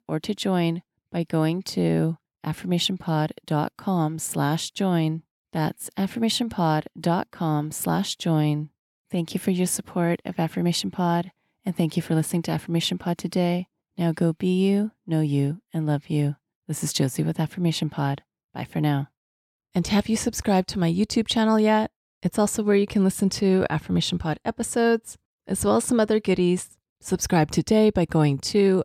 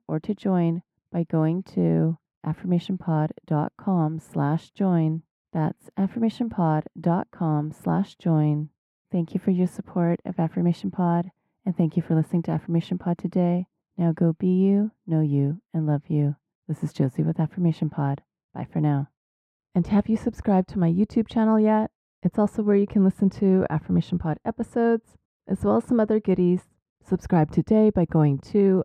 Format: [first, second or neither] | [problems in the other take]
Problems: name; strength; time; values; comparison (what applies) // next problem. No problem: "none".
first | muffled; very; fading above 2.5 kHz